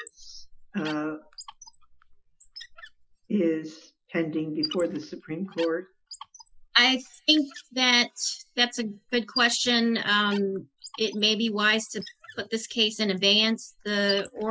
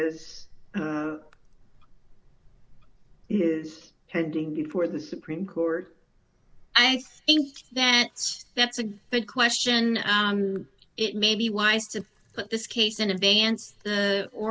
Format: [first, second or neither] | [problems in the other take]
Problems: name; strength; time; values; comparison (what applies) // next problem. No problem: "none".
second | noise reduction (classical method Wiener filter)